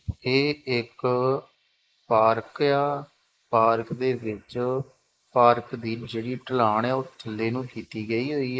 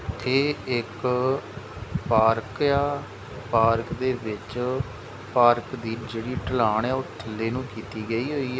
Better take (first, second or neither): second